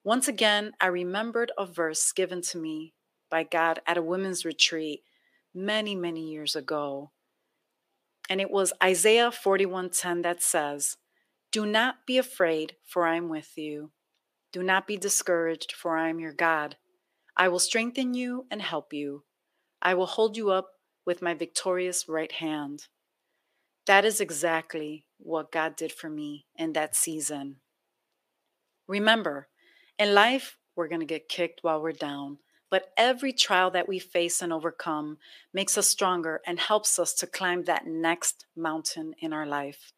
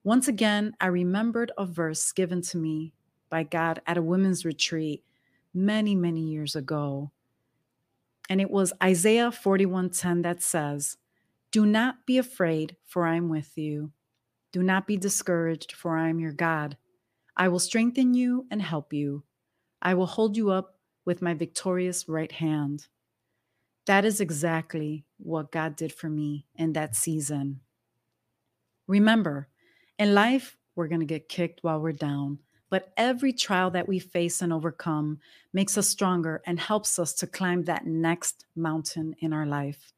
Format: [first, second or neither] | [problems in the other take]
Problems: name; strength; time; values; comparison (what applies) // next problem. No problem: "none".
second | thin; somewhat; fading below 450 Hz